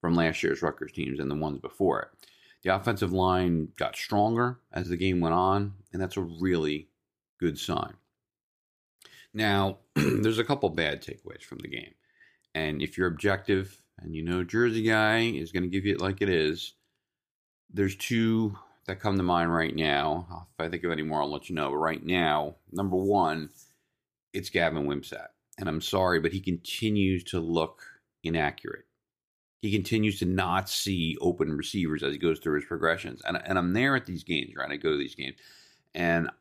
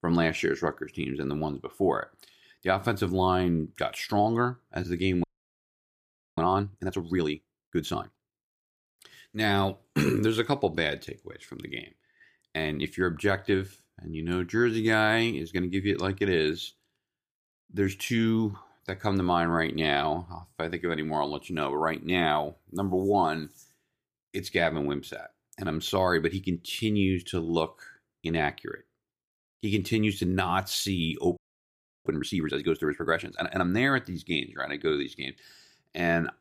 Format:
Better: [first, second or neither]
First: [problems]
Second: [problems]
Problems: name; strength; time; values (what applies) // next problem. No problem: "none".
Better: first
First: none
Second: audio freezing; at 5 s for 1 s and at 31 s for 0.5 s